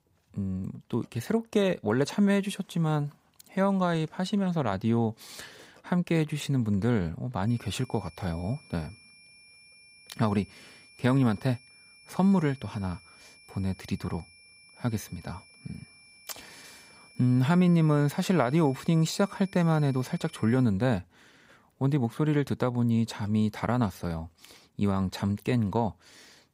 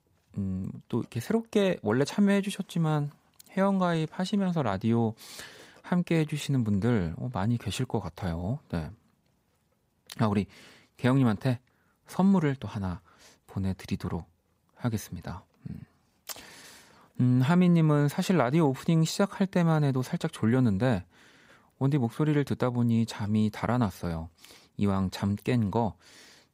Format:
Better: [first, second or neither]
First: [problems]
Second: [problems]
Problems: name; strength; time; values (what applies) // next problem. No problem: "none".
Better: second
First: high-pitched whine; faint; from 7.5 to 21 s; 2.5 kHz, 25 dB below the speech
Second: none